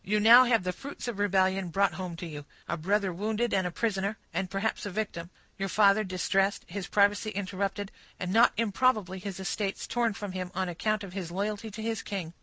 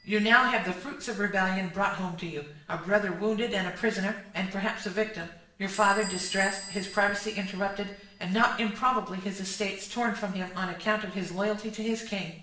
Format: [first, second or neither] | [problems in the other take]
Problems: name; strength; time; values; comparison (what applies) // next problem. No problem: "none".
first | background sound (Squeak / Bell); 19 dB below the speech // room echo; dies away in 0.7 s